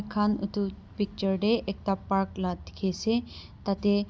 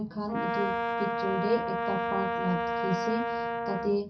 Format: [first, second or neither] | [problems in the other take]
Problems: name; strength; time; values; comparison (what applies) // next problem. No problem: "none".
first | background sound (Brass instrument); 1 dB above the speech // room echo; dies away in 0.3 s